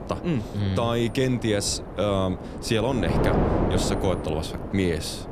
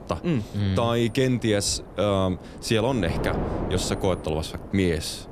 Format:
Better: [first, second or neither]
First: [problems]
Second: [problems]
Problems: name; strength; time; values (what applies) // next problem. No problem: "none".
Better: second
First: wind noise on the microphone; heavy; 4 dB below the speech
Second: wind noise on the microphone; occasional gusts; 10 dB below the speech